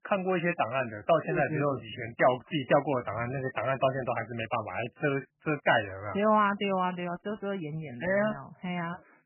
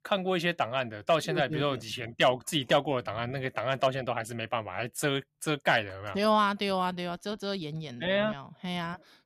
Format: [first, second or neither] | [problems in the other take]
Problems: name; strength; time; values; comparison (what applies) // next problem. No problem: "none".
second | garbled, watery; badly; nothing above 3 kHz